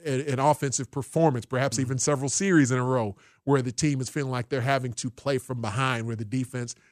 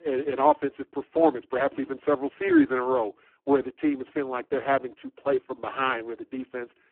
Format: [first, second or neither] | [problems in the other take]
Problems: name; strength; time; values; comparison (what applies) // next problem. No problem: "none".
first | phone-call audio; poor line